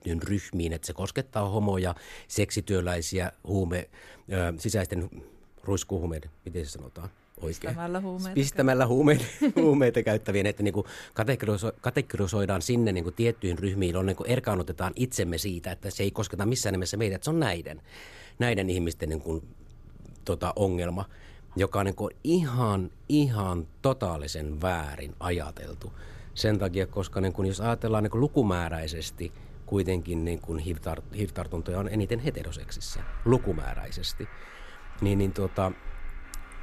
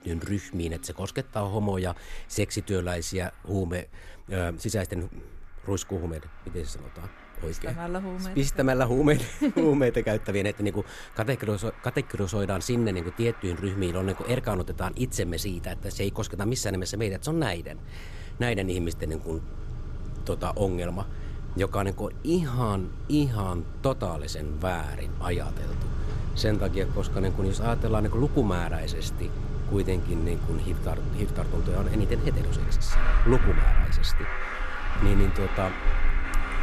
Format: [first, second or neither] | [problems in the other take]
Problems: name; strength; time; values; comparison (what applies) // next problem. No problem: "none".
first | traffic noise; loud; throughout; 4 dB below the speech; faint in the first